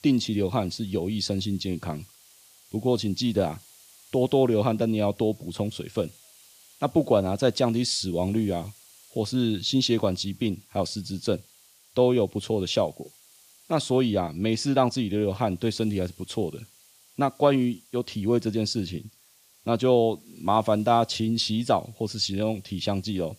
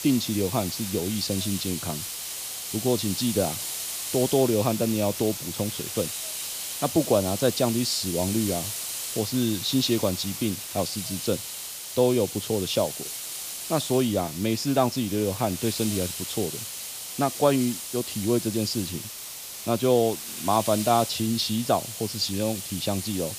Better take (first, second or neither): first